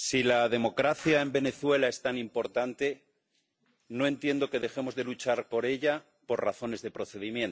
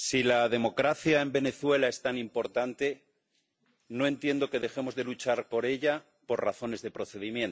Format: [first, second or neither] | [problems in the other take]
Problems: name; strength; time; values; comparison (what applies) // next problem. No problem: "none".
second | background sound (Skateboard); 17 dB below the speech